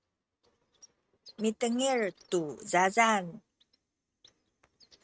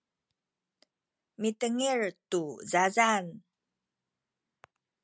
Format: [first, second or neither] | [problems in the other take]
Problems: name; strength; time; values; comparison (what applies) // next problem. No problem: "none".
second | noise reduction (neural mask model RNNoise)